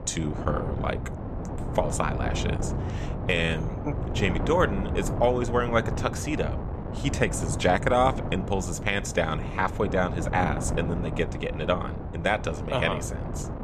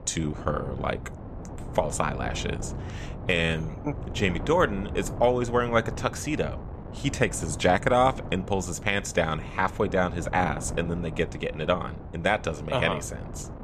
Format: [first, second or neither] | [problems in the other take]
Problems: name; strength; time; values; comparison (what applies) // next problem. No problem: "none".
second | wind noise on the microphone; heavy; 10 dB below the speech; occasional gusts in the second